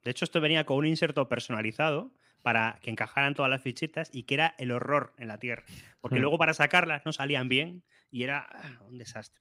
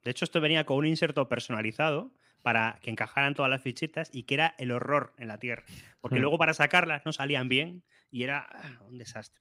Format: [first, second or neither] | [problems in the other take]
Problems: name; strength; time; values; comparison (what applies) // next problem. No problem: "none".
neither | none